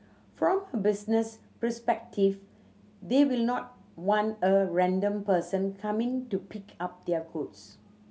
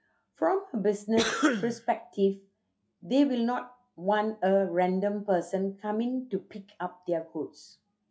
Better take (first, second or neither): first